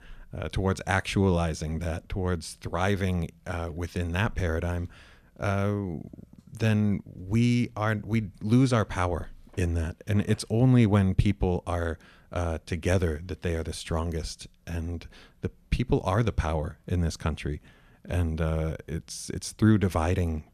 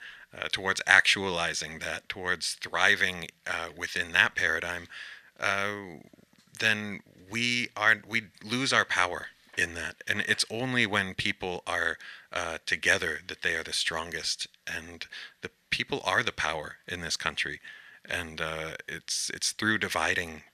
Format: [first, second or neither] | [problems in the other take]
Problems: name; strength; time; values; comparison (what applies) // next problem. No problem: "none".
first | thin; very; fading below 1 kHz